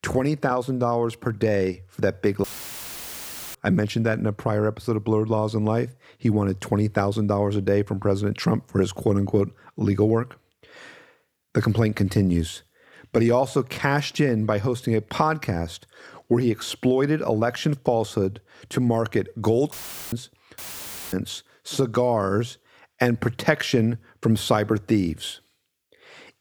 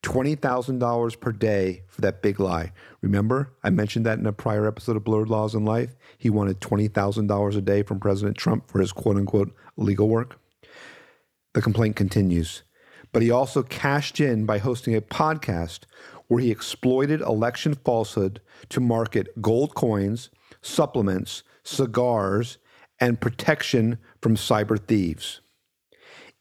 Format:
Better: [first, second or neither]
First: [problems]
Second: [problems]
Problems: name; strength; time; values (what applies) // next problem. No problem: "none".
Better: second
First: audio cutting out; filled with static; at 2.5 s for 1 s, at 20 s and at 21 s for 0.5 s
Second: none